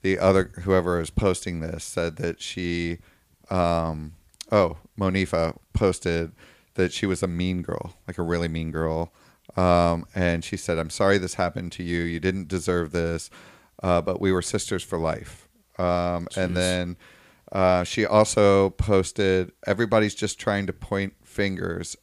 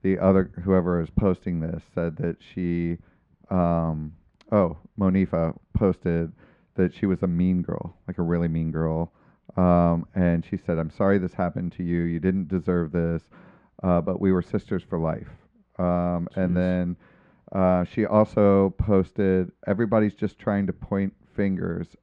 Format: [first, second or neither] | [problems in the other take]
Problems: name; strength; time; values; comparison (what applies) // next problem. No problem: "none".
first | muffled; very; fading above 1.5 kHz